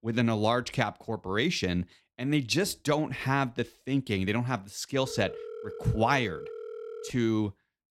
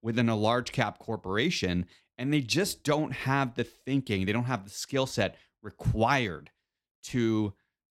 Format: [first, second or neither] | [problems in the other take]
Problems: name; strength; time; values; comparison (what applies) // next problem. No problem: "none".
second | phone ringing; faint; from 5 to 7 s; peak 10 dB below the speech